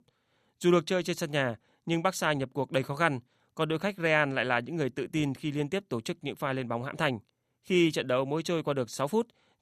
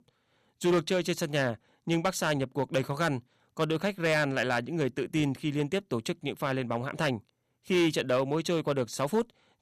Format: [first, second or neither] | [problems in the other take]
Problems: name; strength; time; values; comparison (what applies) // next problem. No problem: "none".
first | distortion; slight; 4% of the sound clipped